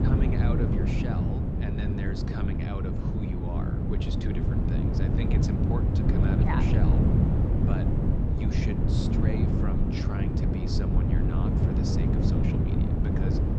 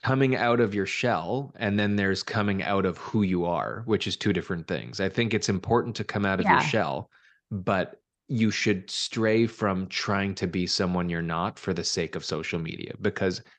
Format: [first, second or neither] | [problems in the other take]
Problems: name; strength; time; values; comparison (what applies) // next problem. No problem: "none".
second | wind noise on the microphone; heavy; 5 dB above the speech